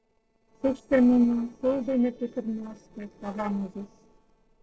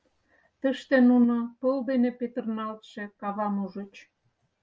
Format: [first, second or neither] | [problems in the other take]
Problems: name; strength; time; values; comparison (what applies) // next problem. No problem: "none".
second | noise reduction (neural separator model SepFormer DNS4)